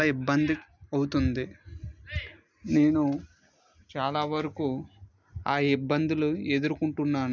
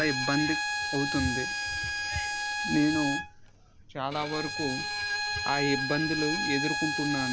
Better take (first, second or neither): first